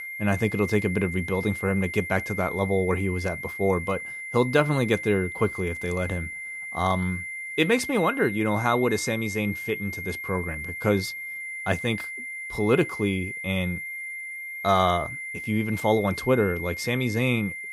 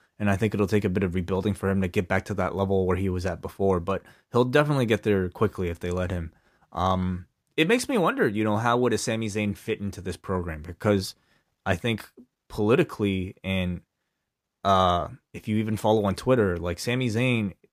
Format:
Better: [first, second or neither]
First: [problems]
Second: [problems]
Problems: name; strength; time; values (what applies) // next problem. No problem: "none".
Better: second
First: high-pitched whine; loud; throughout; 2 kHz, 7 dB below the speech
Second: none